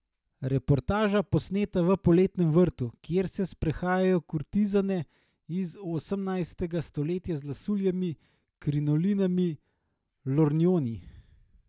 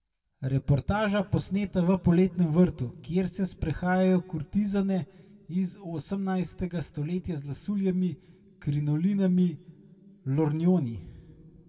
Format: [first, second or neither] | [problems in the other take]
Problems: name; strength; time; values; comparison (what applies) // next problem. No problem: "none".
first | room echo; dies away in 1.4 s